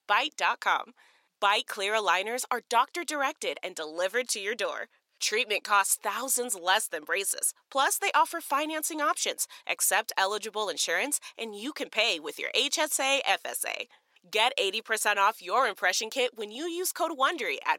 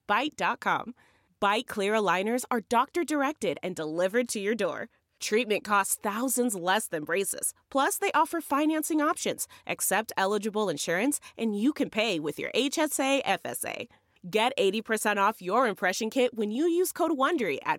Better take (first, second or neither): second